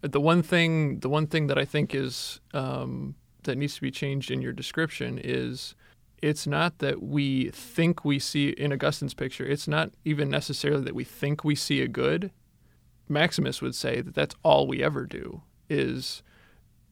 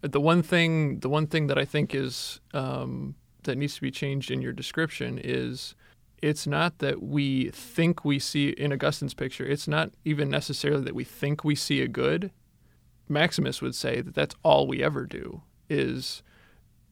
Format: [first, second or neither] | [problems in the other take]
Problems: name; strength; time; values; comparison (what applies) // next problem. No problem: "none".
neither | none